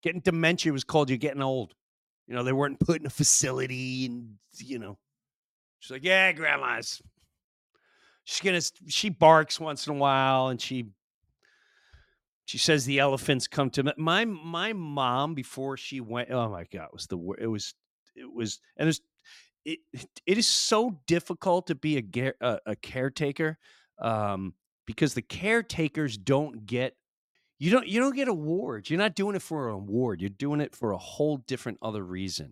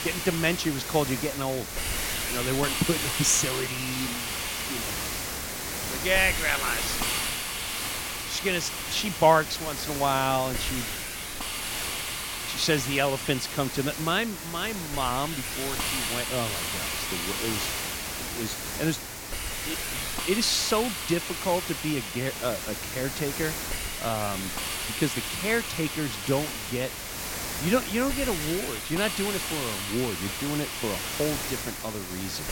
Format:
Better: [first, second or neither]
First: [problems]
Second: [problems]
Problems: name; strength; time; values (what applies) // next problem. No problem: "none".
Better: first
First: none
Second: hiss; loud; throughout; 2 dB below the speech